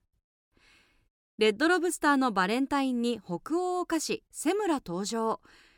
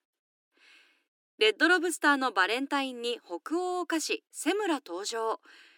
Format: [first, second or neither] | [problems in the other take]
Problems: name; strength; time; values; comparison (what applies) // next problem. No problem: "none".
first | thin; very slightly; fading below 300 Hz